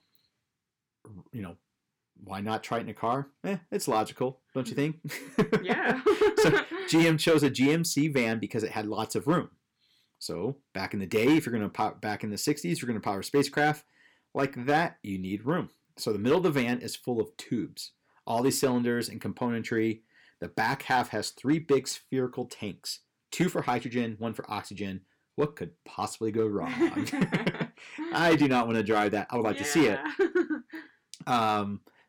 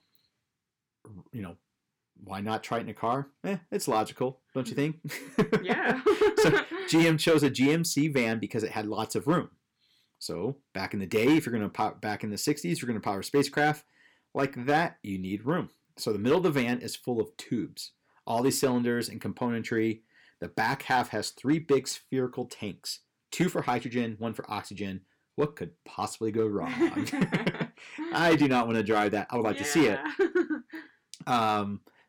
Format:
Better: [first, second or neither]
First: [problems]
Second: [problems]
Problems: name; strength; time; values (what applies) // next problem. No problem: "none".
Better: neither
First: distortion; slight; 2% of the sound clipped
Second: distortion; slight; 2% of the sound clipped